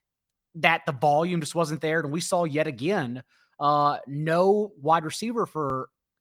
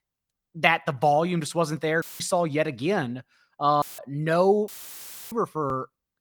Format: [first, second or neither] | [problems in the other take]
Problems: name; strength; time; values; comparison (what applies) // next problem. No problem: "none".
first | audio cutting out; filled with static; at 2 s, at 4 s and at 4.5 s for 0.5 s